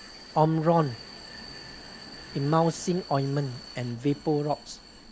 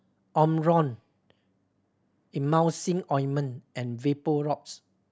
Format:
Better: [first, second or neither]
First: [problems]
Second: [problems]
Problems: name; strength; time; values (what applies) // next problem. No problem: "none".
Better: second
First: background sound (Vehicle); 17 dB below the speech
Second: none